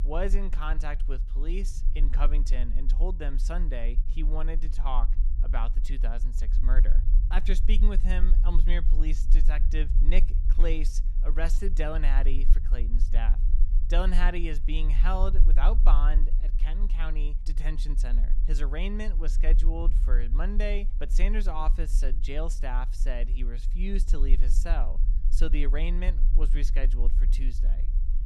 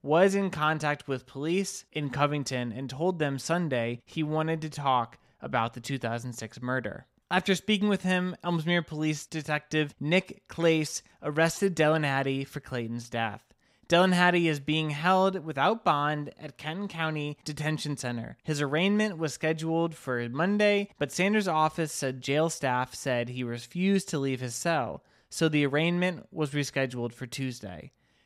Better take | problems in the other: second | low rumble; noticeable; throughout; 15 dB below the speech

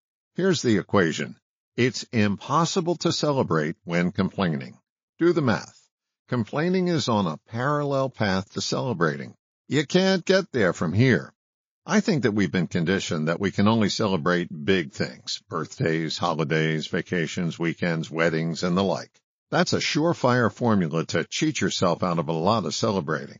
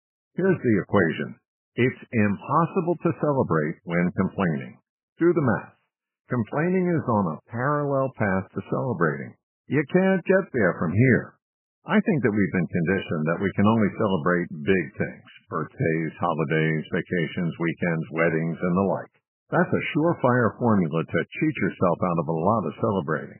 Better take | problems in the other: first | garbled, watery; badly; nothing above 3 kHz; slightly in the first

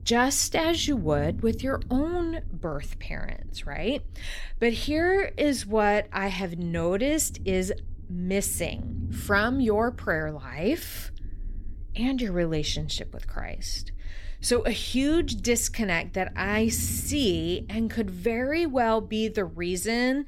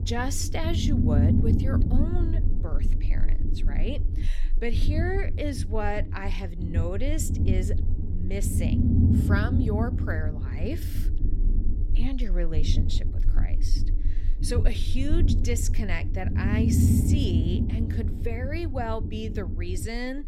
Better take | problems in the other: first | low rumble; loud; throughout; 3 dB below the speech; faint in the first

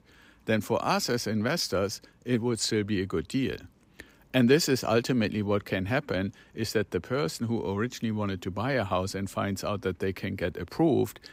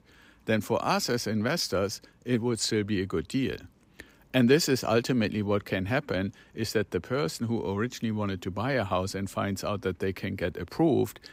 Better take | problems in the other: neither | none

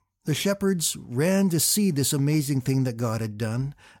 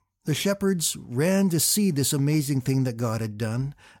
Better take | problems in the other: neither | none

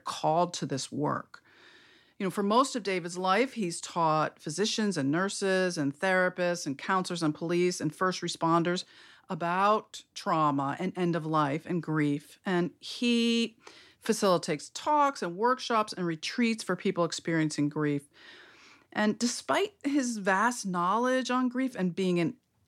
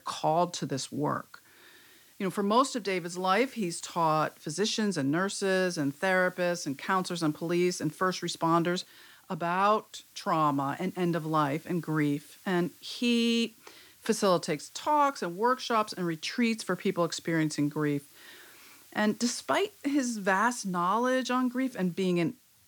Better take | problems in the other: first | hiss; faint; throughout; 25 dB below the speech

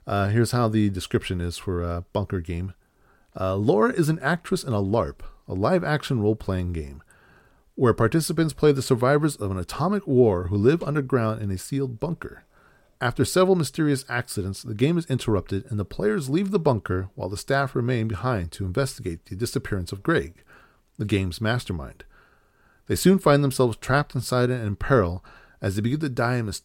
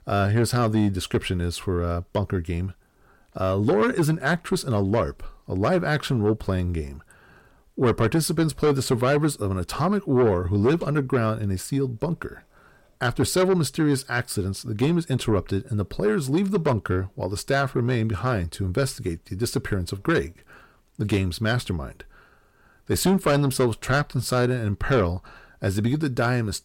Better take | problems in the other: first | distortion; slight; 10 dB below the speech

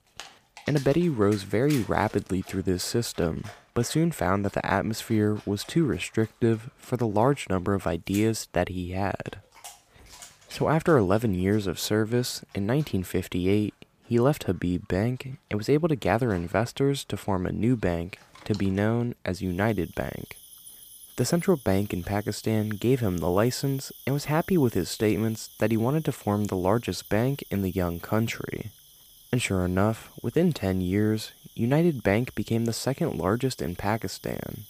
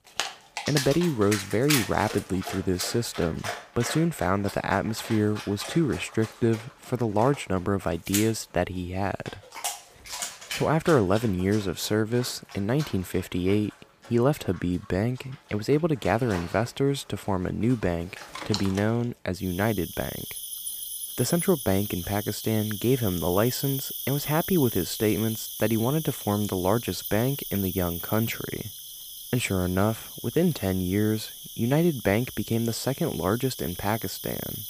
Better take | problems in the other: first | animal sounds; loud; throughout; 8 dB below the speech; faint in the first

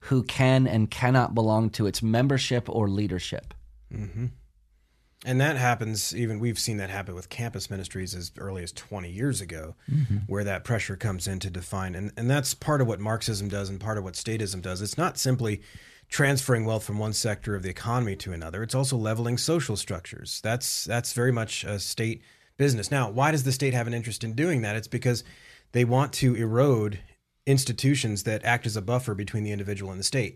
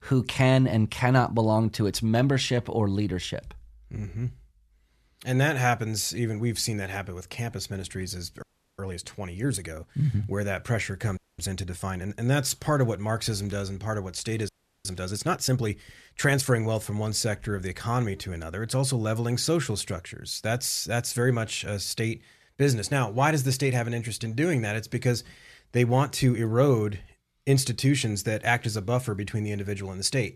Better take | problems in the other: first | audio freezing; at 8.5 s, at 11 s and at 14 s

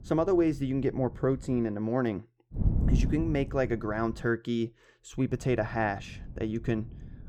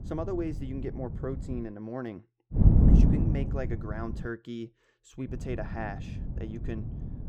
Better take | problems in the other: first | wind noise on the microphone; heavy; until 1.5 s, from 2.5 to 4.5 s and from 5.5 s on; as loud as the speech; occasional gusts in the first

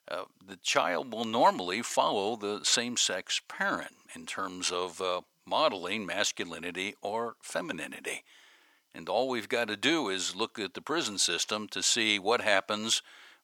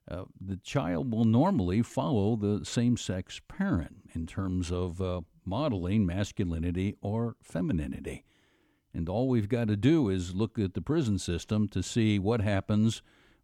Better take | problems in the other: second | thin; very; fading below 800 Hz

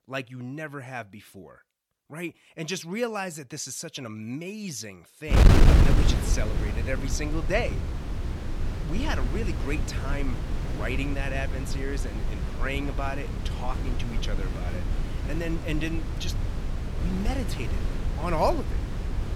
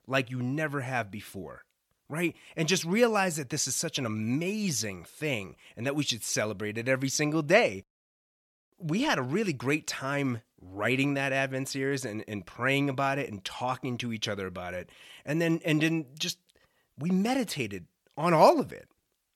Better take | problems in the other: second | wind noise on the microphone; heavy; from 5.5 s on; 3 dB below the speech

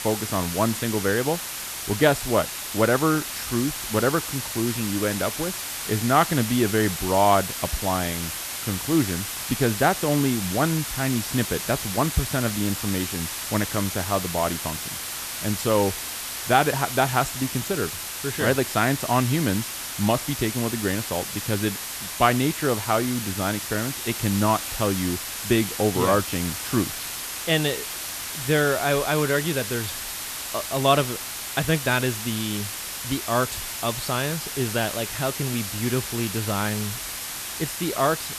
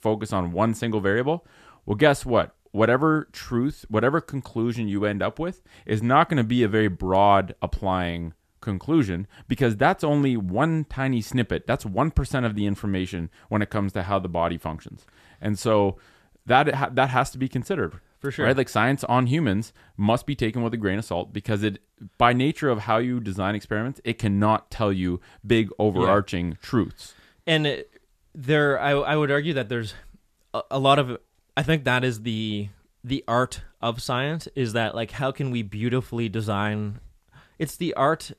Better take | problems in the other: second | hiss; loud; throughout; 5 dB below the speech

